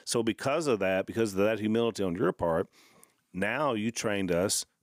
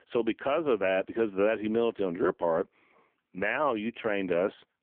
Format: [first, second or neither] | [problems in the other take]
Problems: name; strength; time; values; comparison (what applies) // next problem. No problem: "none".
first | phone-call audio; poor line; nothing above 3 kHz